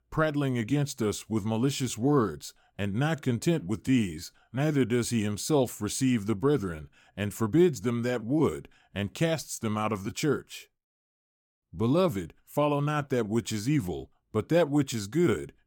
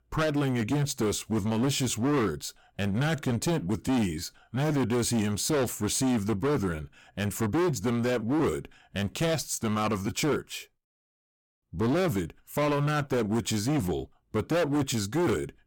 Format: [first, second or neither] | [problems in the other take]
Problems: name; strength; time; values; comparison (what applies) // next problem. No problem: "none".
first | distortion; heavy; 19% of the sound clipped